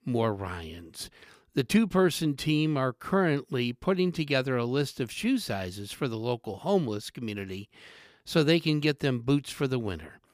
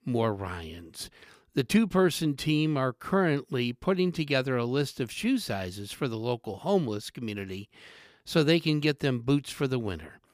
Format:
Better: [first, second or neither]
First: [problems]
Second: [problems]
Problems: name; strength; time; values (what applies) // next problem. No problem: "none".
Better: neither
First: none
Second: none